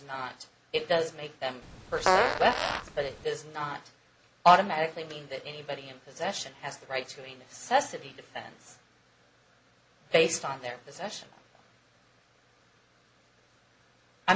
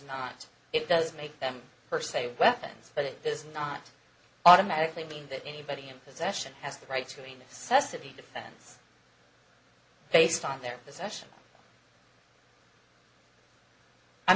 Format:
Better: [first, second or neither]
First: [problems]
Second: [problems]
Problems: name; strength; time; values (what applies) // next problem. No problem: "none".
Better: second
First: background sound (Fart); 3 dB above the speech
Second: none